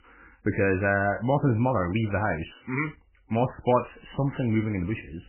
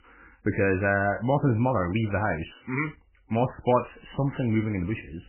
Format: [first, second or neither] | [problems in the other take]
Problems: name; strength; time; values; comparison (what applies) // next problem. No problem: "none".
neither | garbled, watery; badly; nothing above 2.5 kHz; the same in both